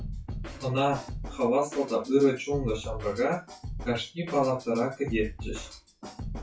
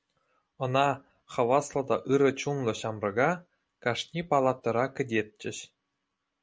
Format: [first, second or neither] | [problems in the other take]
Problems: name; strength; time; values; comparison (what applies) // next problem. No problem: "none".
second | noise reduction (classical method WPE with log-MMSE)